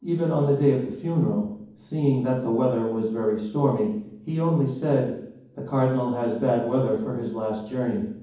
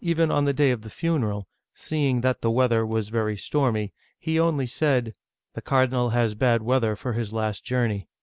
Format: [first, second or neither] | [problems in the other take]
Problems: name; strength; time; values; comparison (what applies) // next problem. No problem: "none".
second | room echo; dies away in 1.2 s